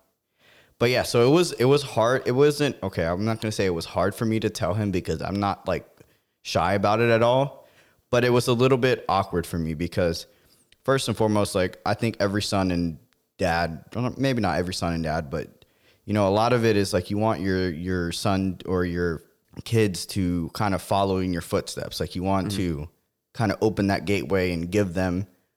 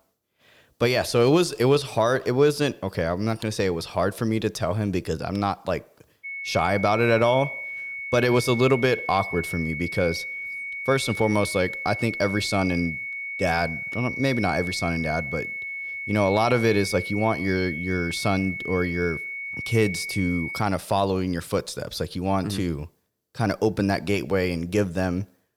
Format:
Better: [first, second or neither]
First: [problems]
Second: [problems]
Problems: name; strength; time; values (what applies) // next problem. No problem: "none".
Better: first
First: none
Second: high-pitched whine; loud; from 6 to 21 s; 2 kHz, 6 dB below the speech